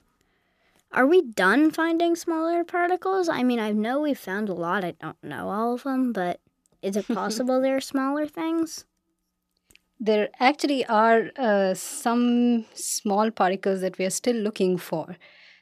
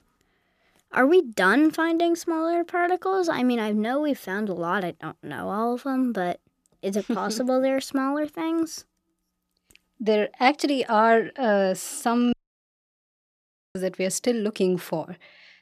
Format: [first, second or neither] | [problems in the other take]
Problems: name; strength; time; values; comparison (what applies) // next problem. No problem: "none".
first | audio cutting out; at 12 s for 1.5 s